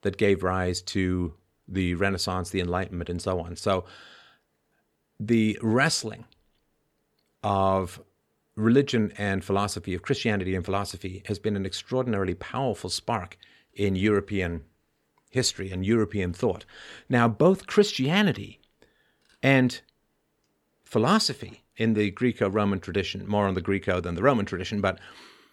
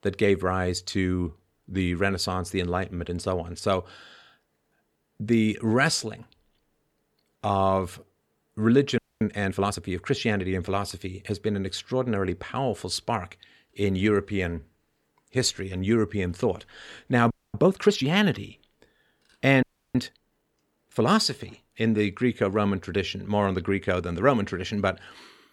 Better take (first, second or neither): first